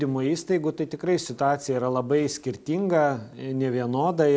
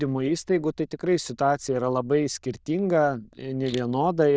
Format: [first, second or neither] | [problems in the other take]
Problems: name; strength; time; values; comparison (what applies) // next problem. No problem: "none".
first | noise reduction (neural diffusion model UNIVERSE++)